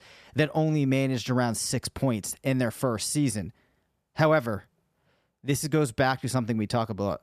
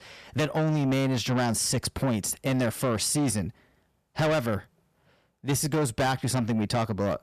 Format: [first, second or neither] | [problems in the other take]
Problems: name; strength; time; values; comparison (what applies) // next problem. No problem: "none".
first | distortion; heavy; 8 dB below the speech